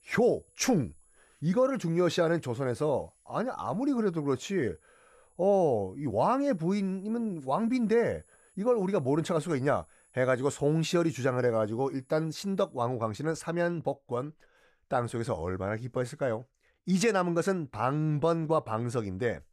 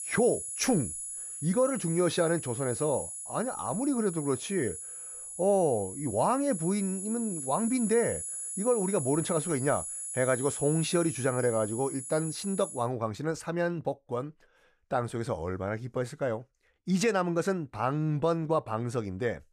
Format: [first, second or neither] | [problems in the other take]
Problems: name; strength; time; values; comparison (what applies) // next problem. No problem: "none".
first | high-pitched whine; loud; until 13 s; 10.5 kHz, 6 dB below the speech; faint in the first